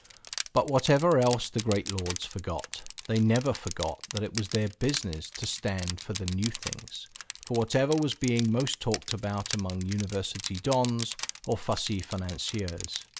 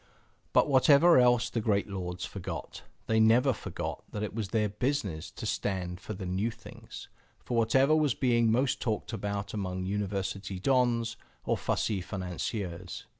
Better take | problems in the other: second | background sound (Crushing); 11 dB below the speech

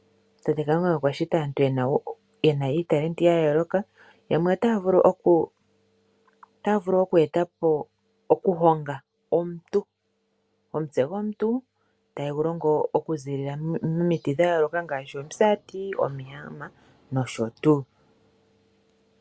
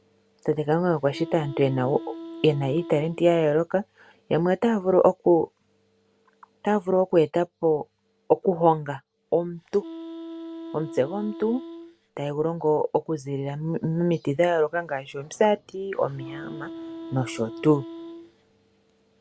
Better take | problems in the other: first | background sound (Wind instrument, woodwind instrument); 14 dB below the speech

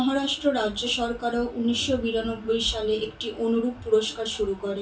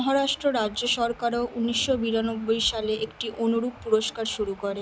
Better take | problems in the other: second | room echo; dies away in 0.2 s

